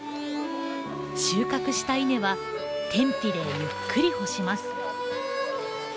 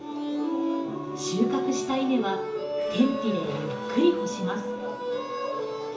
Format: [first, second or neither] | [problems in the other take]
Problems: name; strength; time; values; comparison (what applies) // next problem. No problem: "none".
first | background sound (Electric guitar); 14 dB below the speech // room echo; dies away in 0.7 s